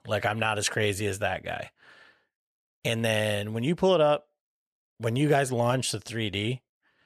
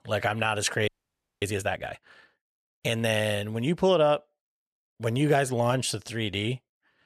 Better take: first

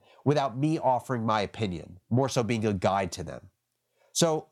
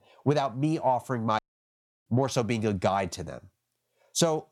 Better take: first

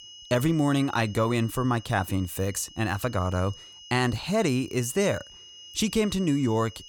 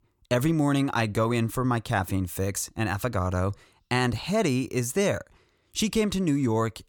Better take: second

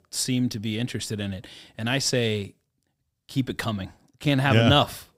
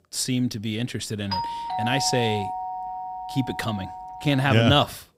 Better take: first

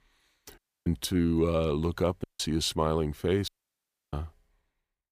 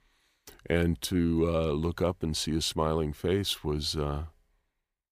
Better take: second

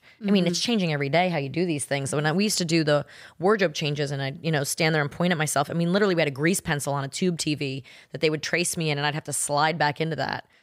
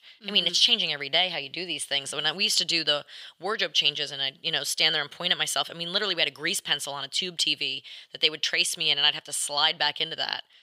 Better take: first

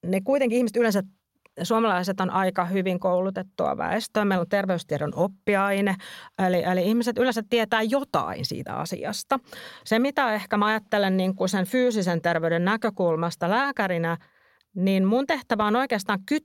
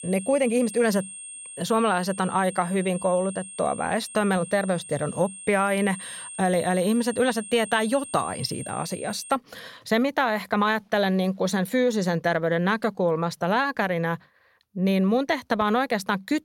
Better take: first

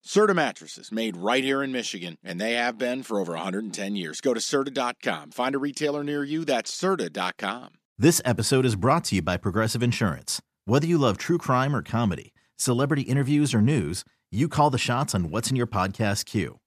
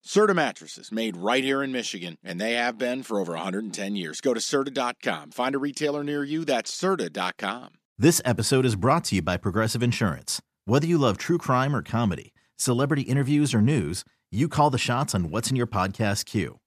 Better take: neither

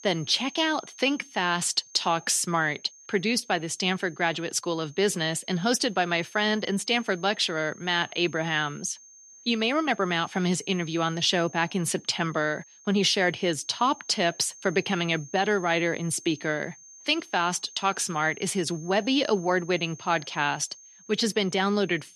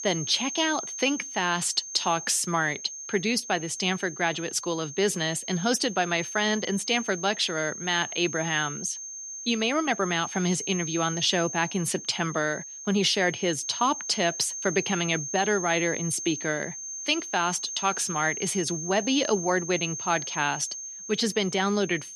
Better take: first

